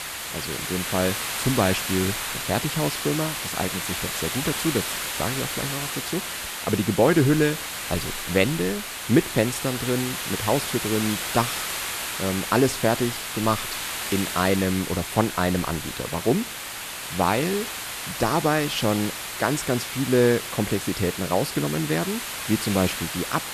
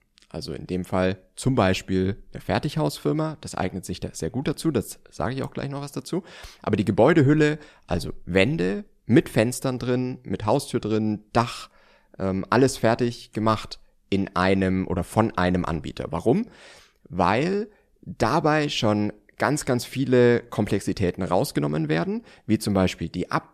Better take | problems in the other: second | hiss; loud; throughout; 4 dB below the speech

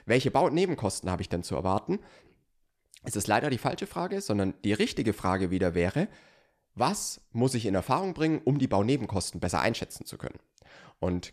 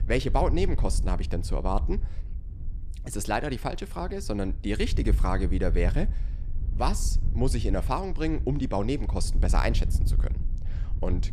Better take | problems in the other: first | wind noise on the microphone; occasional gusts; 20 dB below the speech

